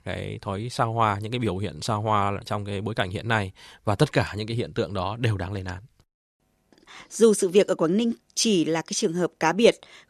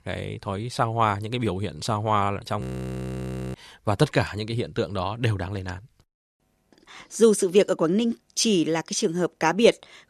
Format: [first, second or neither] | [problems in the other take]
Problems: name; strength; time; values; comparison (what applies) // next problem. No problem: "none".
first | audio freezing; at 2.5 s for 1 s